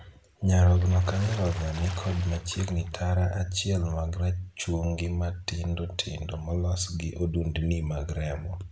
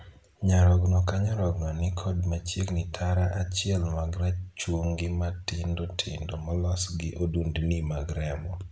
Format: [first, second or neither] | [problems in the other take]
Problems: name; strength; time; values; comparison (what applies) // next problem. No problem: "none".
second | background sound (Water / Splash, splatter); 17 dB below the speech